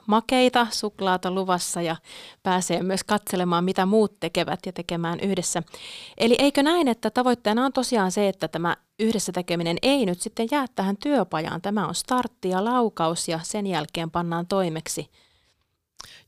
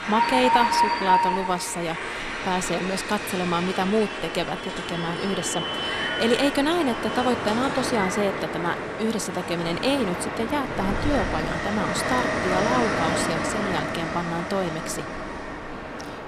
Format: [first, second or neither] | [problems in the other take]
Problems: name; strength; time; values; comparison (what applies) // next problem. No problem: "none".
first | train or aircraft noise; loud; throughout; as loud as the speech